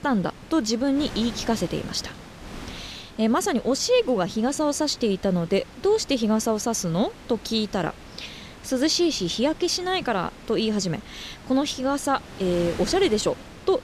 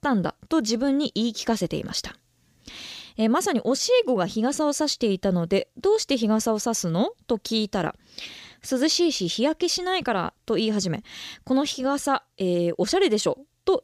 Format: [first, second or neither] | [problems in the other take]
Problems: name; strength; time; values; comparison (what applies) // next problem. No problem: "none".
second | wind noise on the microphone; occasional gusts; 15 dB below the speech